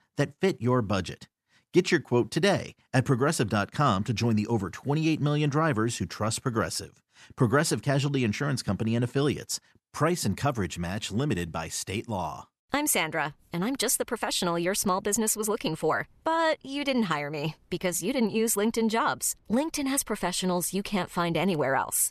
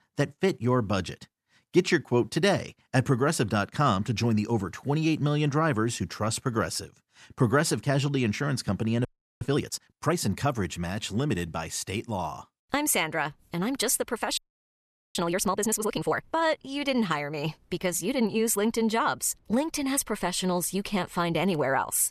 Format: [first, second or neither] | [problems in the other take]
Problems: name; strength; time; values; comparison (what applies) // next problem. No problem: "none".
first | audio freezing; at 9 s and at 14 s for 1 s